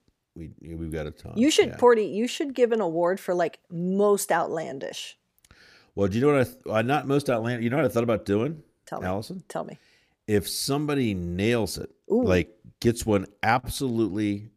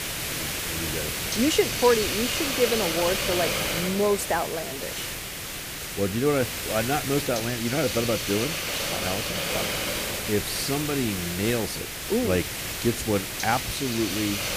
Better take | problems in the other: first | hiss; loud; throughout; 1 dB below the speech

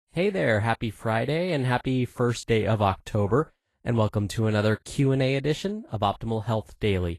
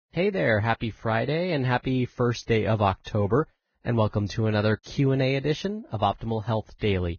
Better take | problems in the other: first | garbled, watery; badly; nothing above 6.5 kHz; slightly in the first

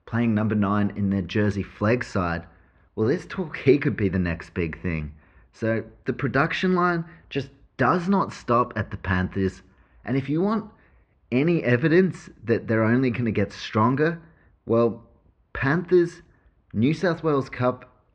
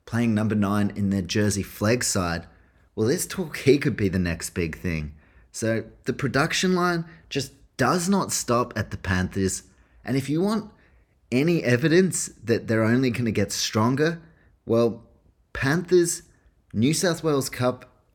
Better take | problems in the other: second | muffled; very; fading above 3 kHz

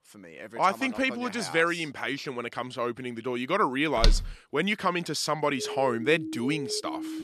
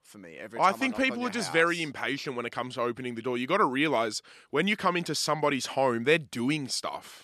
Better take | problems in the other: second | footsteps; loud; at 4 s; peak 1 dB above the speech // siren; noticeable; from 5.5 s on; peak 8 dB below the speech

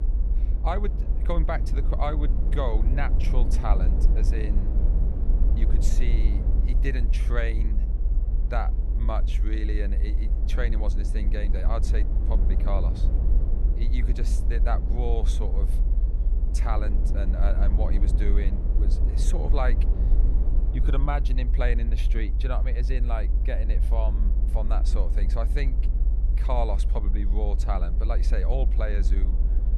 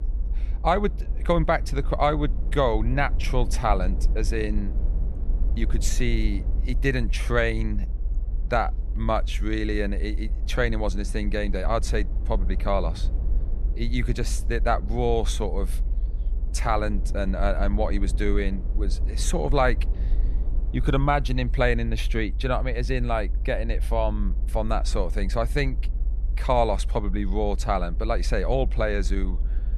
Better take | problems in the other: second | low rumble; loud; throughout; 9 dB below the speech; faint in the second

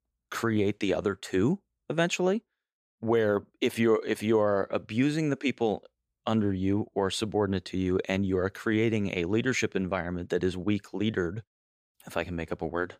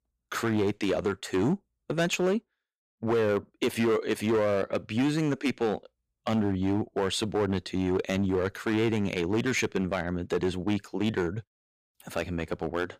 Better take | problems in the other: first | distortion; slight; 8% of the sound clipped

